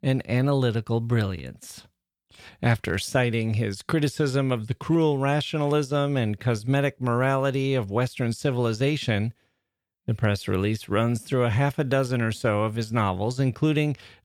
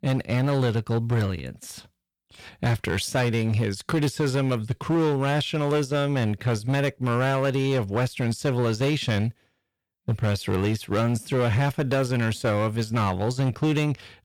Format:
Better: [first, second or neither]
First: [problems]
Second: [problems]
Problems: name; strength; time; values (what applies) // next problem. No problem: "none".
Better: first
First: none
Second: distortion; slight; 13% of the sound clipped